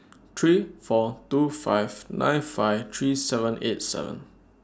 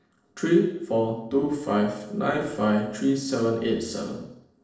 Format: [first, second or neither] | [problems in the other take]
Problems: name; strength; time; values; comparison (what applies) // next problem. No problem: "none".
first | noise reduction (neural separator model SepFormer DNS4)